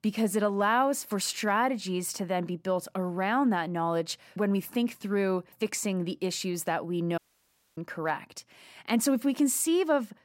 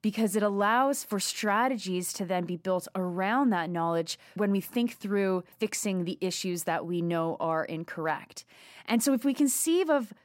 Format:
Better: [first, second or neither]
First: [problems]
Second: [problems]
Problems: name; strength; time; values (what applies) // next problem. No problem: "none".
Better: second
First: audio cutting out; at 7 s for 0.5 s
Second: none